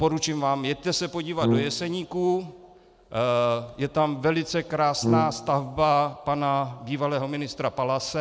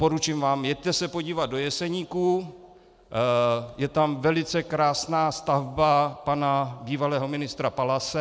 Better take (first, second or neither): second